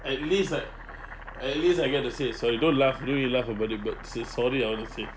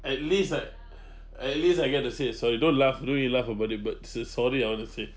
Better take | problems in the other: second | background sound (Boiling); 16 dB below the speech

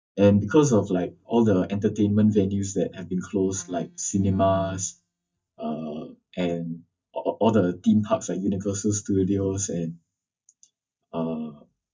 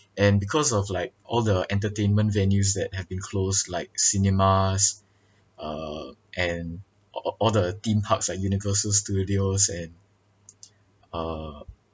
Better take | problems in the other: second | noise reduction (neural mask model DeepFilterNet 3)

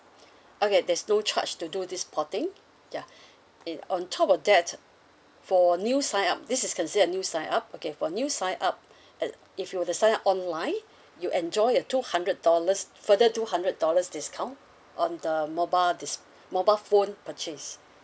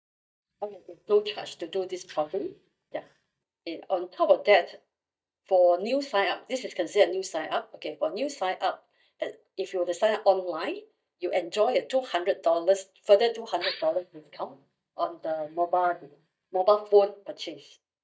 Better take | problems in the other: first | noise reduction (neural mask model DeepFilterNet 3)

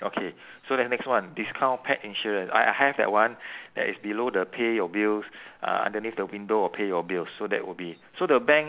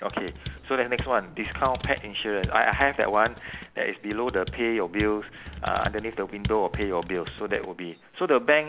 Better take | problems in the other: first | background sound (Computer keyboard); 11 dB below the speech

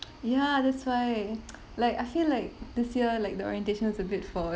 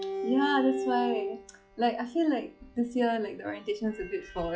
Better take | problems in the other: first | noise reduction (classical method log-MMSE)

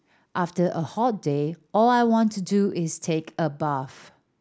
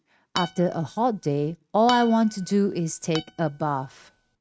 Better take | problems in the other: first | noise reduction (neural mask model RNNoise)

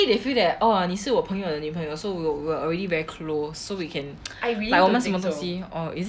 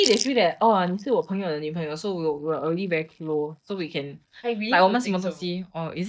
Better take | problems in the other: first | noise reduction (neural mask model DeepFilterNet 3)

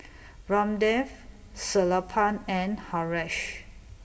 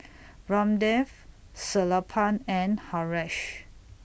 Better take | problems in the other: second | room echo; dies away in 1 s

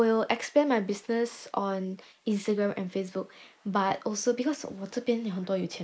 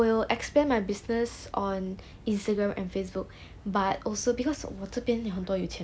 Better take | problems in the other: second | noise reduction (neural mask model Resemble Enhance denoiser)

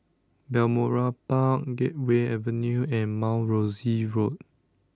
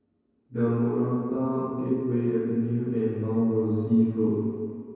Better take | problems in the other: first | room echo; dies away in 2.2 s

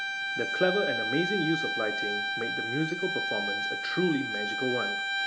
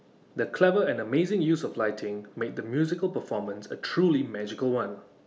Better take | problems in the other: second | background sound (Bowed string instrument); as loud as the speech

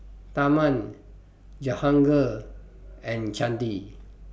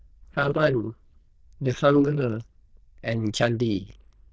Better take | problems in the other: first | noise reduction (neural diffusion model UNIVERSE++)

